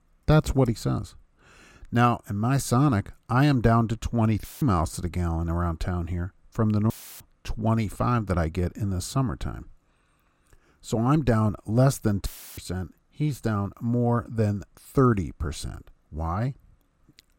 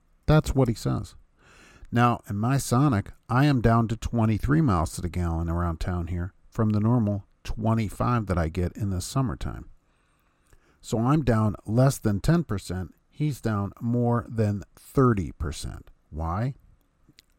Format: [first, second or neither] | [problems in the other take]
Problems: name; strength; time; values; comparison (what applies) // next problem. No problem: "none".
second | audio cutting out; filled with static; at 4.5 s, at 7 s and at 12 s